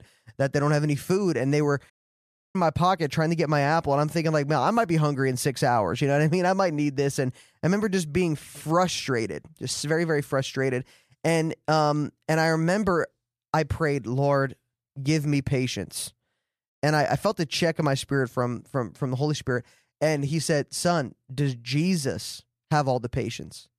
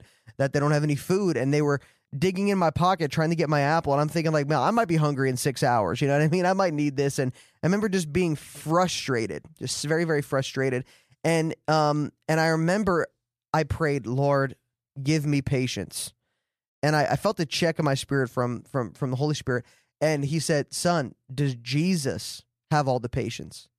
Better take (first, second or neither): second